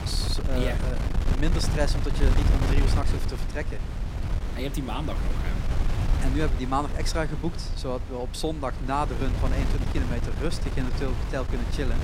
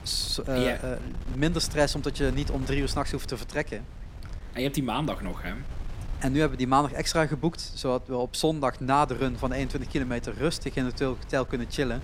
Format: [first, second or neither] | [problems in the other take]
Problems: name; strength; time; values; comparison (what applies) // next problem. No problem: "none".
second | wind noise on the microphone; heavy; 5 dB below the speech; occasional gusts in the second